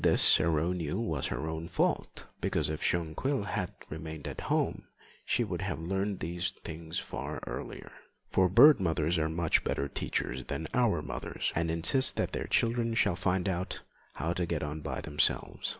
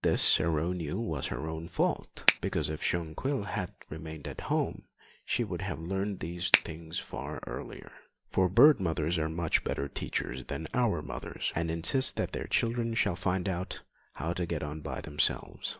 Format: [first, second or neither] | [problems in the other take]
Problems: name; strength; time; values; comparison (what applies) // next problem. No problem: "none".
first | noise reduction (neural mask model DeepFilterNet 3)